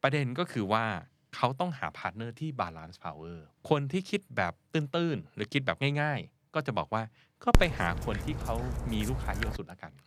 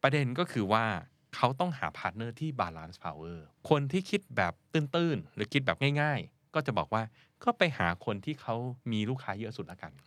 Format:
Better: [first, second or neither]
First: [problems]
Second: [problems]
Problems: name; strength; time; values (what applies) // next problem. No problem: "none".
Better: second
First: dog barking; loud; from 7.5 to 9.5 s; peak 4 dB above the speech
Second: none